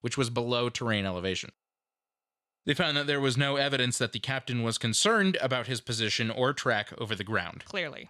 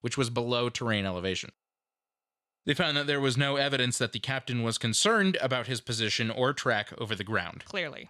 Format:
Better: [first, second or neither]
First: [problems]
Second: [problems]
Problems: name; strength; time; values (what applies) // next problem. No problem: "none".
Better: neither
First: none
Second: none